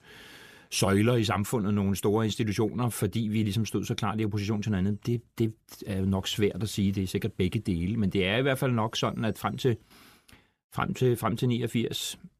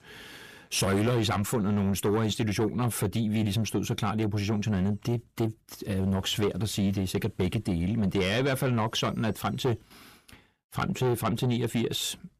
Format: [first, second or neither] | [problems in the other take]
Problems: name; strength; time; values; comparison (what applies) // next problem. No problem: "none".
first | distortion; slight; 10 dB below the speech